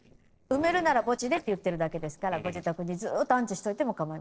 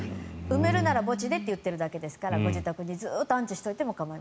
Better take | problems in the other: second | noise reduction (neural separator model SepFormer DNS4)

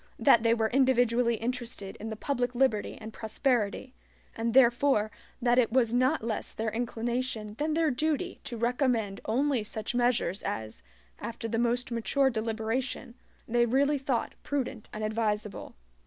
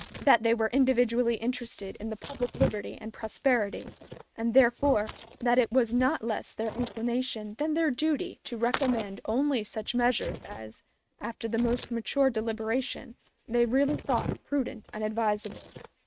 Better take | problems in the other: first | noise reduction (neural mask model RNNoise)

